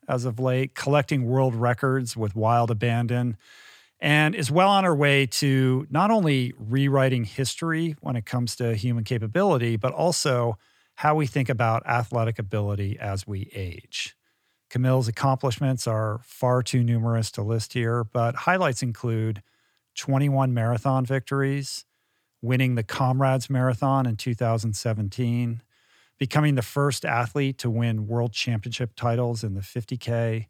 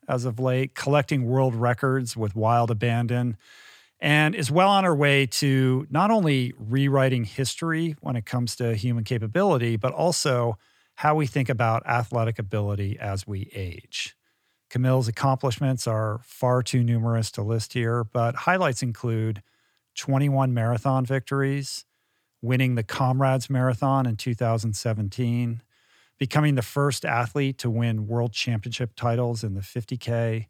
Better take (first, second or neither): neither